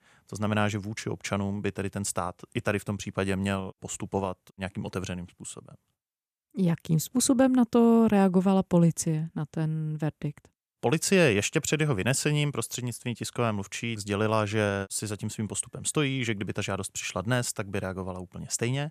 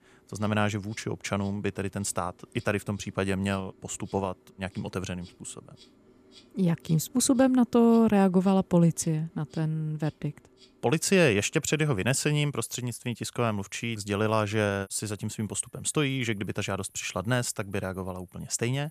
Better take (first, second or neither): first